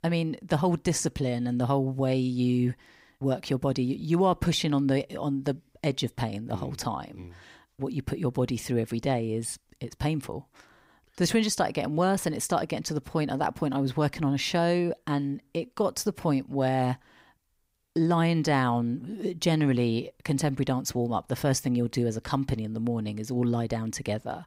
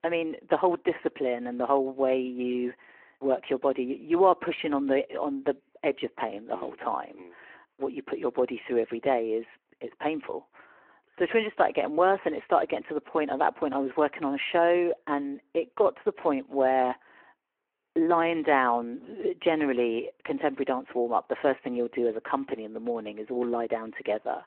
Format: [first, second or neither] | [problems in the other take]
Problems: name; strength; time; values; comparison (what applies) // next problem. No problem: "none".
first | phone-call audio